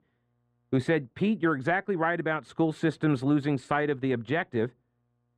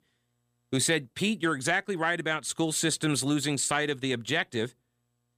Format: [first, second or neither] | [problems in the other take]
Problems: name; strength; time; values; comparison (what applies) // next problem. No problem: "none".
second | muffled; very; fading above 3.5 kHz